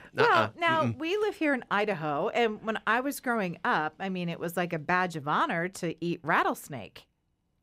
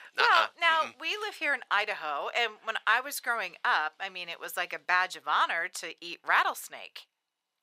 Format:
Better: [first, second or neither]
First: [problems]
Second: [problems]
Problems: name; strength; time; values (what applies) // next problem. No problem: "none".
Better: first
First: none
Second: thin; very; fading below 950 Hz